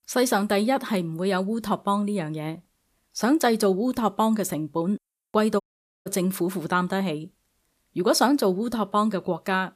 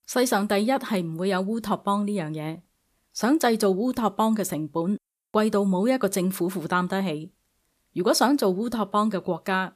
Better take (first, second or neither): second